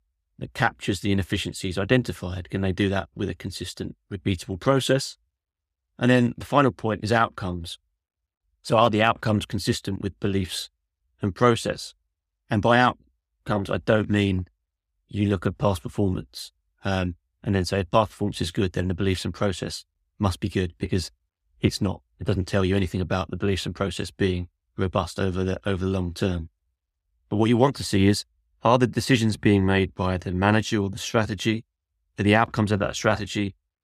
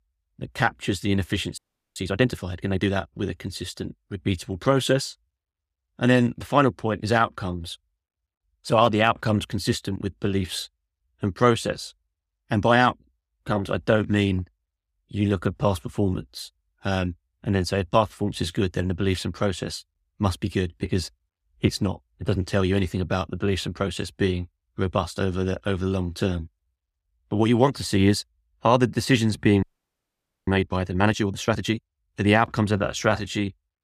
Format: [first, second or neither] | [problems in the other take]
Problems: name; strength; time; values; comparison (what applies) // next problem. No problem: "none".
first | audio freezing; at 1.5 s and at 30 s for 1 s